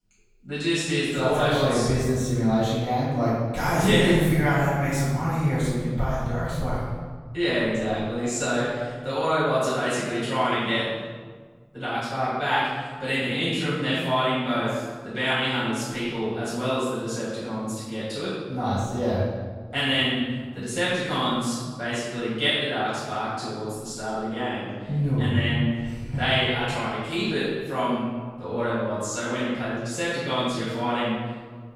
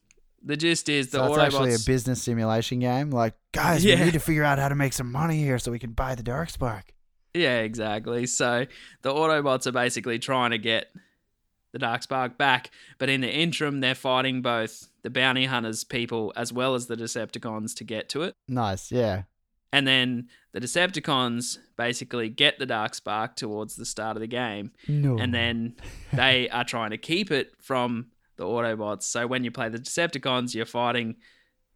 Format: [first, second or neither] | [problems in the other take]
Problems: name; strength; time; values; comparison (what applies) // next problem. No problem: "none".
second | room echo; strong; dies away in 1.6 s // off-mic speech; far